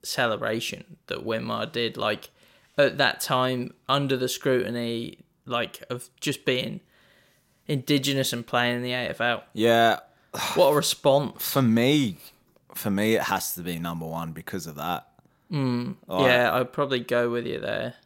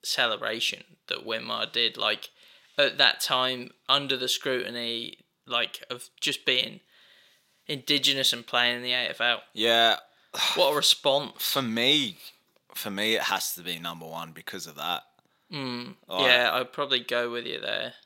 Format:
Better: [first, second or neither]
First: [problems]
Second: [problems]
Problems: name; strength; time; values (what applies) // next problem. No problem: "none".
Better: first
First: none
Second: thin; very slightly; fading below 400 Hz